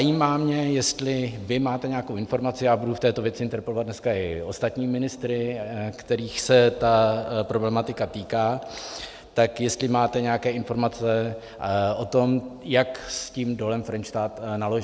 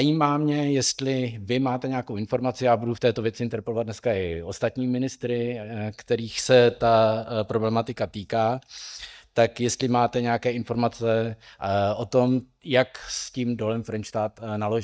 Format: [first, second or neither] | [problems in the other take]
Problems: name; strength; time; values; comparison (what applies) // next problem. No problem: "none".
first | noise reduction (neural mask model DeepFilterNet 3)